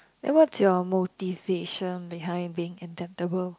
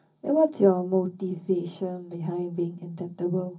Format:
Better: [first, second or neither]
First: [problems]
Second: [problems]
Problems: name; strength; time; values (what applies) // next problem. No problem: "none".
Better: first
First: none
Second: room echo; dies away in 0.4 s